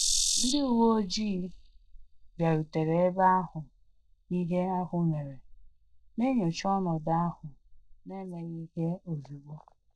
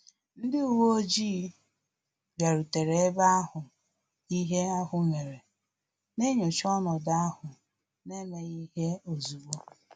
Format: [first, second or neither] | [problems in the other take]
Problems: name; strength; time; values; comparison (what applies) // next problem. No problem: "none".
second | noise reduction (neural mask model DeepFilterNet 3)